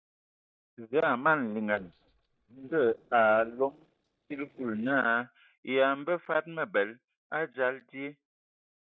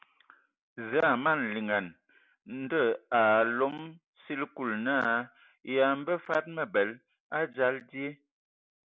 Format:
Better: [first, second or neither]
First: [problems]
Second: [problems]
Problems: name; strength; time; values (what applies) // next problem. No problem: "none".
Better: second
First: noise reduction (neural mask model DeepFilterNet 3)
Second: none